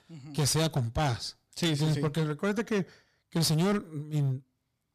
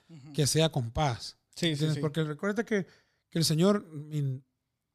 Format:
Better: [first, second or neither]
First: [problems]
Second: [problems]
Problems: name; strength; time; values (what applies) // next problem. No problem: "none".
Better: second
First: distortion; heavy; 13% of the sound clipped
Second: none